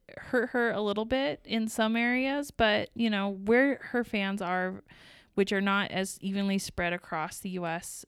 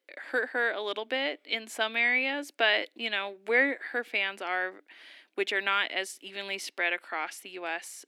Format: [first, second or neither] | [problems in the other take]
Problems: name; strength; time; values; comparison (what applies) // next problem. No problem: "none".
first | thin; somewhat; fading below 300 Hz